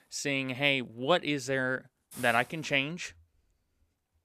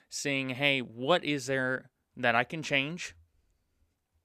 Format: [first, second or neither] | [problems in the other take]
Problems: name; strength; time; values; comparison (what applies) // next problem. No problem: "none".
second | hiss; noticeable; until 3 s; 20 dB below the speech